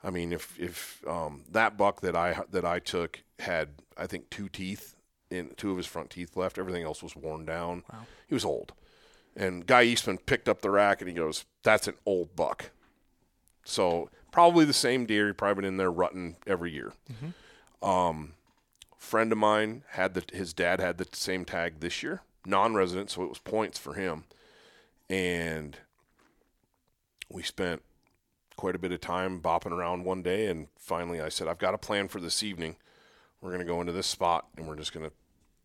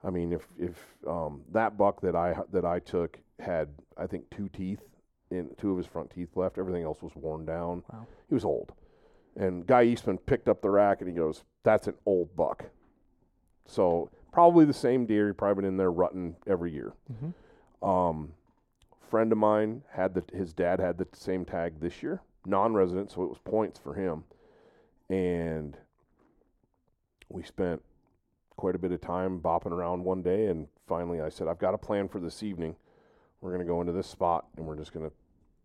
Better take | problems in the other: first | muffled; very; fading above 1.5 kHz

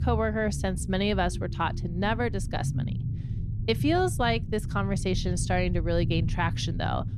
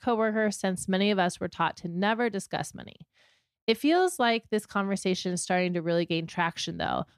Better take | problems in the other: second | low rumble; noticeable; throughout; 15 dB below the speech

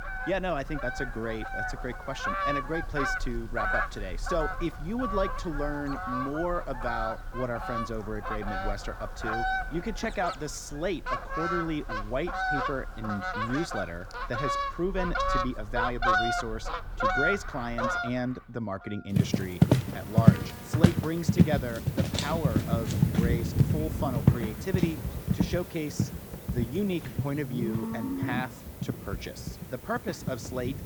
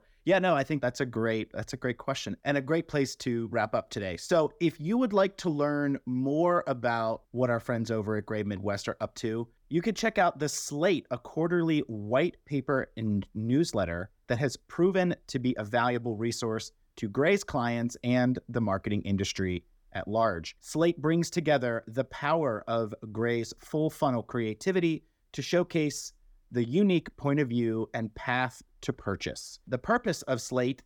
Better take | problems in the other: second | animal sounds; very loud; throughout; 4 dB above the speech

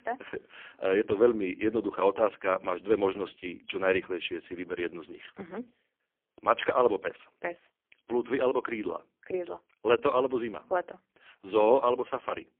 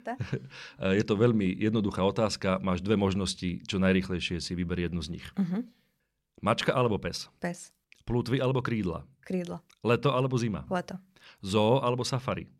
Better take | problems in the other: second | phone-call audio; poor line; nothing above 3.5 kHz

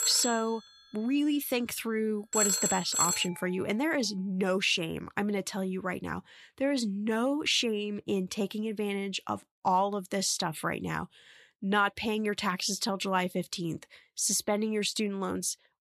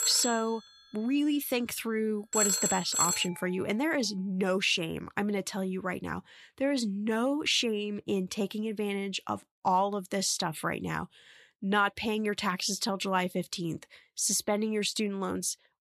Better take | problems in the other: neither | alarms or sirens; very loud; until 4 s; 2 dB above the speech; the same in both

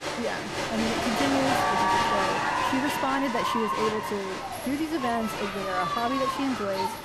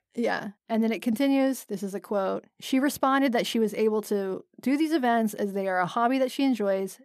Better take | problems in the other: second | crowd noise; very loud; throughout; 3 dB above the speech

